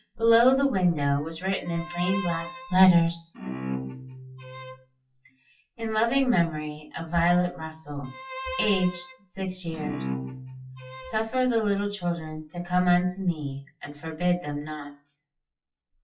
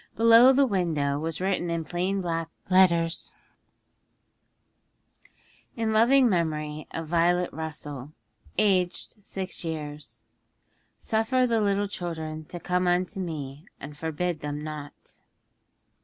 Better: second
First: noise reduction (classical method WPE with log-MMSE)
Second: none

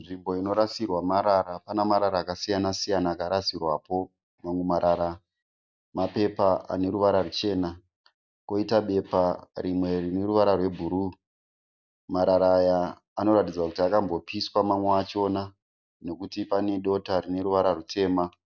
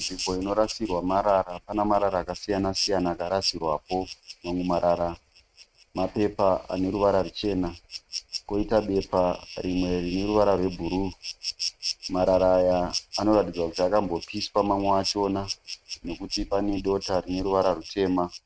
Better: first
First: none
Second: noise reduction (neural mask model RNNoise)

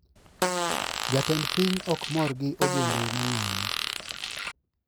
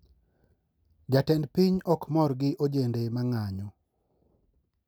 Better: second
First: background sound (Fart); as loud as the speech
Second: none

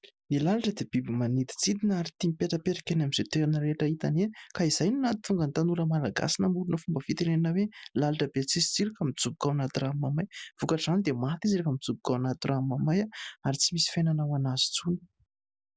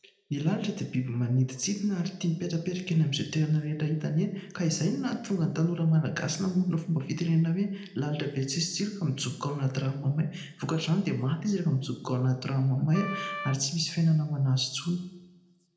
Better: first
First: none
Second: background sound (Wind instrument, woodwind instrument); 10 dB below the speech // room echo; dies away in 0.7 s

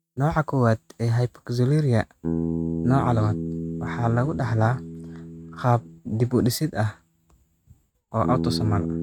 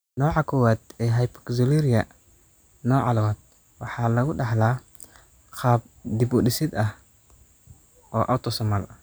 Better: second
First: noise reduction (neural mask model RNNoise)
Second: none

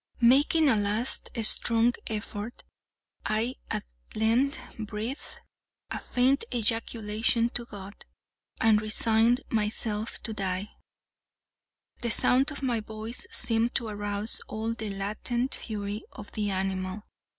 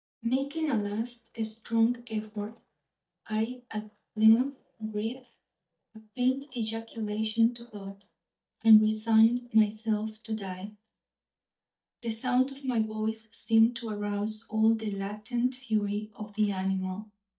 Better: first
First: none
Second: noise reduction (neural mask model DeepFilterNet 3)

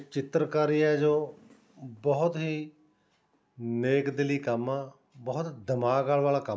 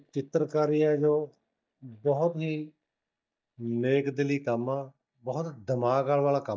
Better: first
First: none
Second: noise reduction (neural mask model DeepFilterNet 3)

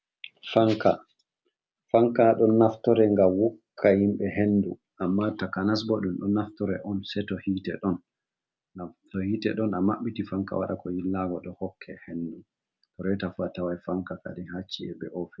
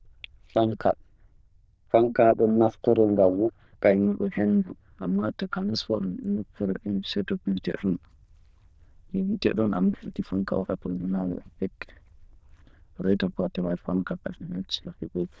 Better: first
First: none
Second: noise reduction (neural diffusion model UNIVERSE++)

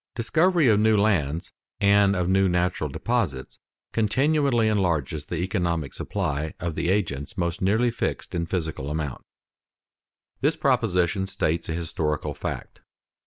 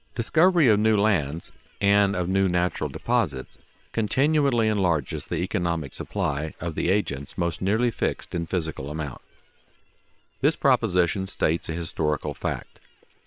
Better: first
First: none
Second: noise reduction (neural separator model SepFormer WHAM!)

